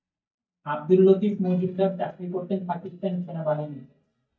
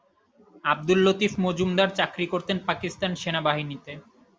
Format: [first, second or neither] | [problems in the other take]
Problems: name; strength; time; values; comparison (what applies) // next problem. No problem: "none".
second | noise reduction (neural mask model DeepFilterNet 3)